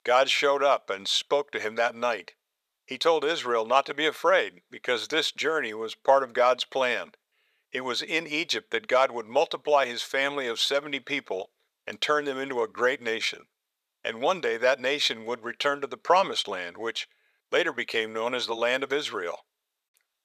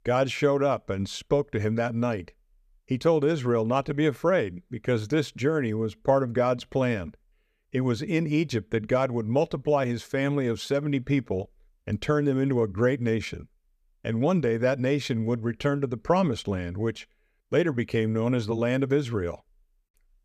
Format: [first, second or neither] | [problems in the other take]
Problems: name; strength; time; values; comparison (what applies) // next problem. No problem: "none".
second | thin; very; fading below 800 Hz